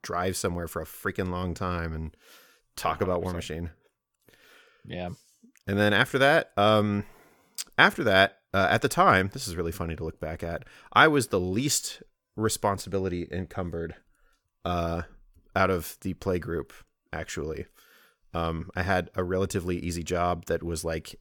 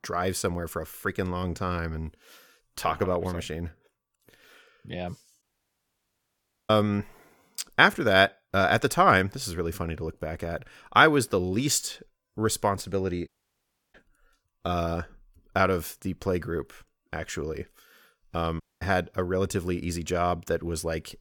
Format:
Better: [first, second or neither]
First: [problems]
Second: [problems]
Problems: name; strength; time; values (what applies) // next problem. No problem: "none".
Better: first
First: none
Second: audio cutting out; at 5.5 s for 1.5 s, at 13 s for 0.5 s and at 19 s